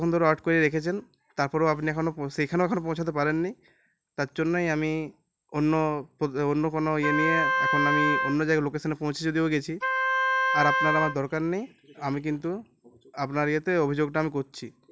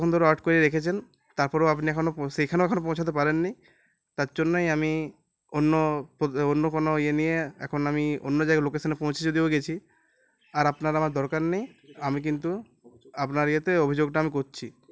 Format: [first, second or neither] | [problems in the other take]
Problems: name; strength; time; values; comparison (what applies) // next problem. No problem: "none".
second | background sound (Wind instrument, woodwind instrument); as loud as the speech